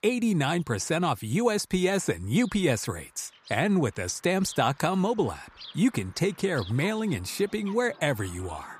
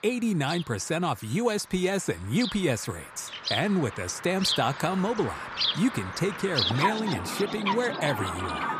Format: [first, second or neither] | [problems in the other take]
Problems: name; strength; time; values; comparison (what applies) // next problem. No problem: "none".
first | animal sounds; loud; throughout; 2 dB below the speech; faint in the first